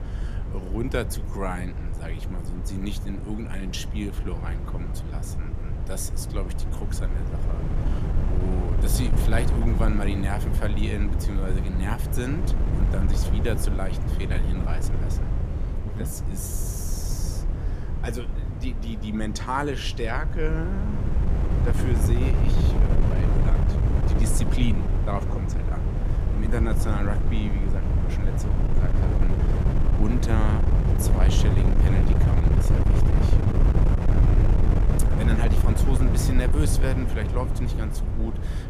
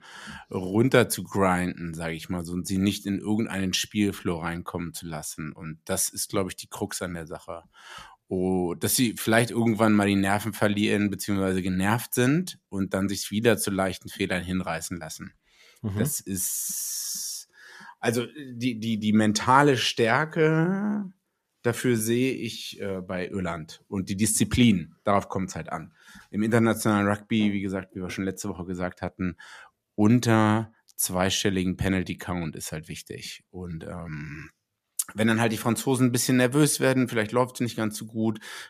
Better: second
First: wind noise on the microphone; heavy; 2 dB below the speech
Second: none

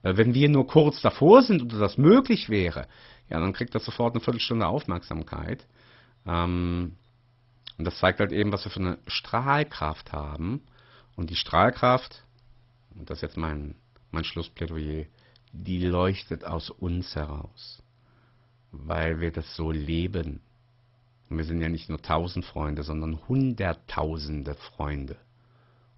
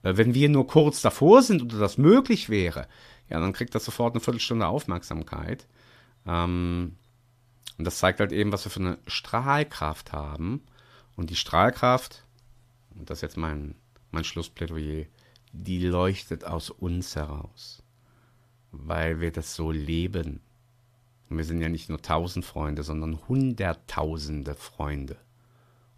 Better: second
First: garbled, watery; badly; nothing above 5.5 kHz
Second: none

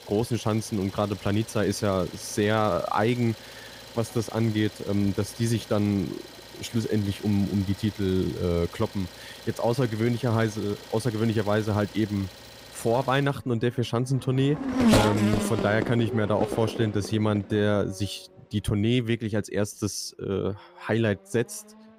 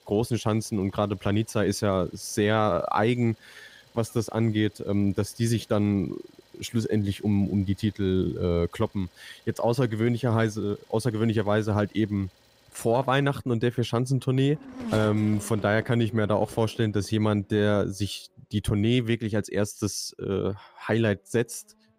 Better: second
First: traffic noise; loud; throughout; 8 dB below the speech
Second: traffic noise; faint; throughout; 20 dB below the speech

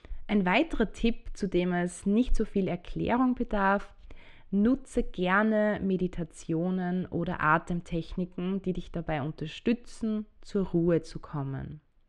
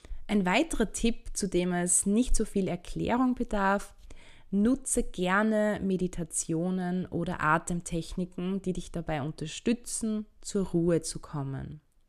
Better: second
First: muffled; very; fading above 2.5 kHz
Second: none

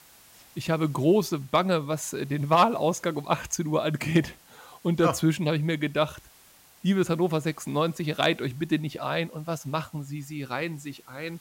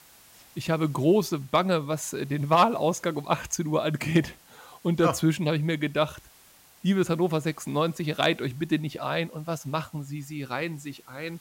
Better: neither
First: hiss; faint; throughout; 25 dB below the speech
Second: hiss; faint; throughout; 25 dB below the speech

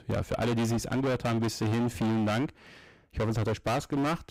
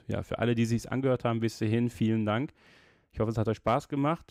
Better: second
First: distortion; heavy; 31% of the sound clipped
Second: none

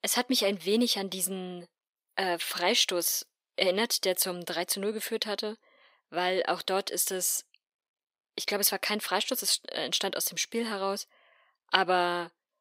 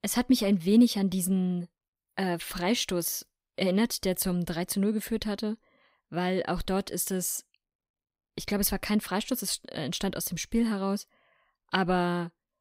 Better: second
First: thin; somewhat; fading below 500 Hz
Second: none

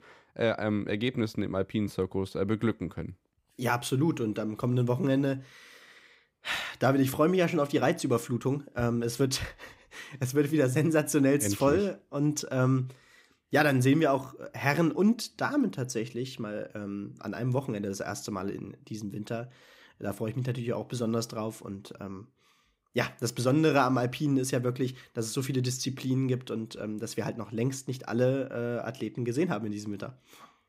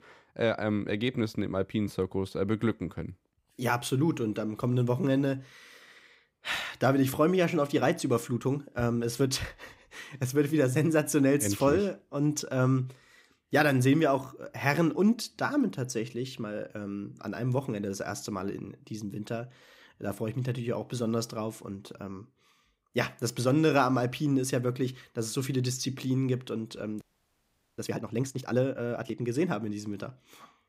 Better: first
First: none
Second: audio freezing; at 27 s for 1 s

